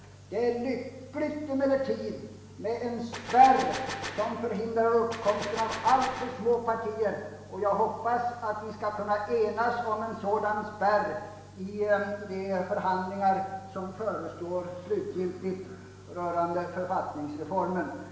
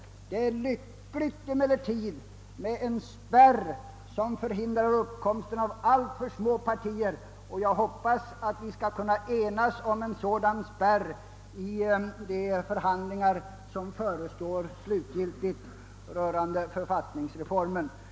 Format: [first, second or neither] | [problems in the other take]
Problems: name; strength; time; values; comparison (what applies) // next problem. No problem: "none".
second | background sound (Gunshot, gunfire); 10 dB below the speech // room echo; dies away in 0.9 s